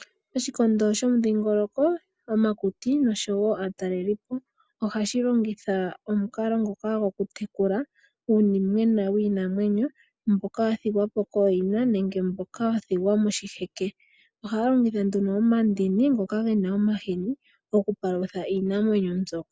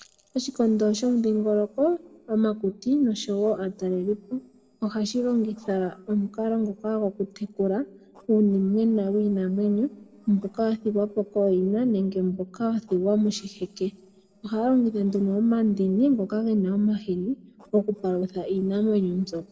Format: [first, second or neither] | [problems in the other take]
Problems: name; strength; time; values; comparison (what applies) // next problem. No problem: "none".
first | noise reduction (neural separator model SepFormer DNS4)